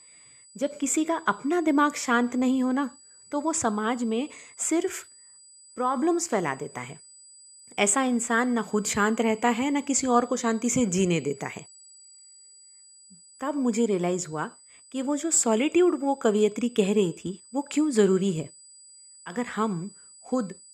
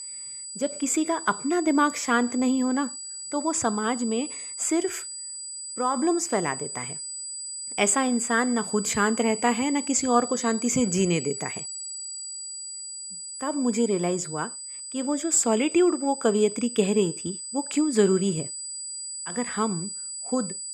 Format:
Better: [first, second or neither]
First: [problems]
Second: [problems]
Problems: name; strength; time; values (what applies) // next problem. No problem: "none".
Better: first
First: high-pitched whine; faint; throughout; 8 kHz, 25 dB below the speech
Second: high-pitched whine; loud; throughout; 8 kHz, 8 dB below the speech